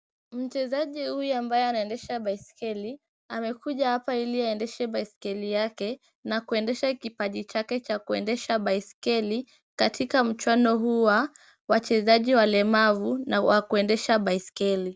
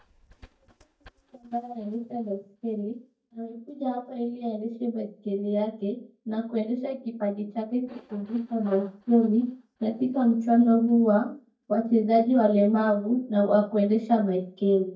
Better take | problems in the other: first | noise reduction (neural mask model DeepFilterNet 3)

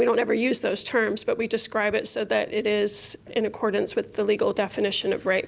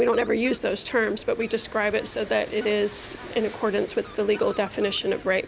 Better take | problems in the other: first | background sound (Fowl + Engine); 18 dB below the speech

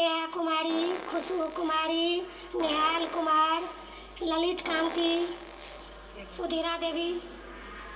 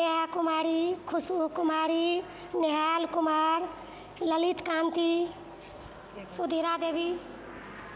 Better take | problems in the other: second | background sound (Fart); 13 dB below the speech // room echo; dies away in 0.2 s

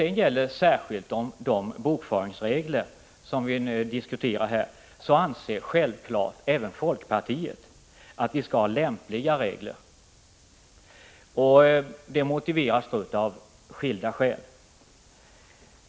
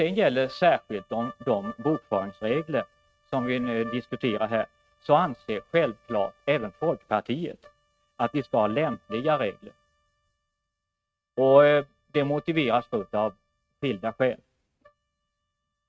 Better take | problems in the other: first | noise reduction (neural mask model RNNoise)

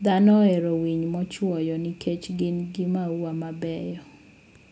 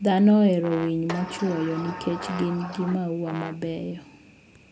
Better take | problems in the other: first | background sound (Sliding door + Brass instrument); 13 dB below the speech

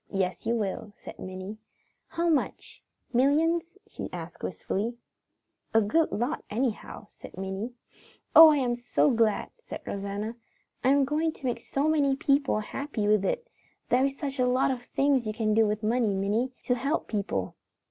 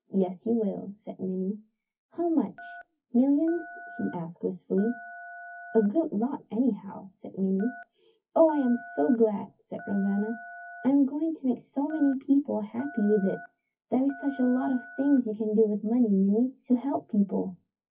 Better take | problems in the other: first | noise reduction (classical method WPE with log-MMSE)

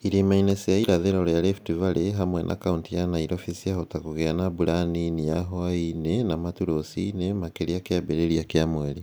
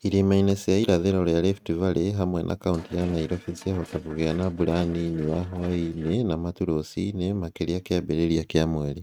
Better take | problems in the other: first | noise reduction (neural mask model RNNoise)

